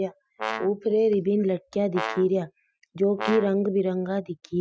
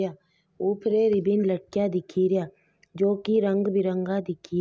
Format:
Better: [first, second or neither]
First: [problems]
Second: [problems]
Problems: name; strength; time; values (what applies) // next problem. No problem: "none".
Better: second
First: noise reduction (classical method Wiener filter)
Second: none